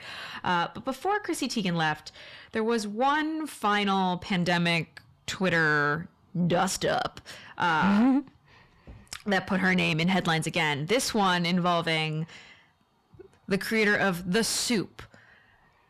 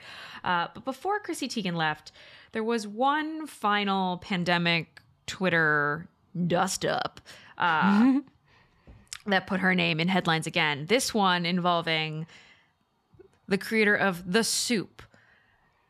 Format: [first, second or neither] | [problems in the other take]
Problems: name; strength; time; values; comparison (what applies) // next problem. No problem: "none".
second | distortion; slight; 10 dB below the speech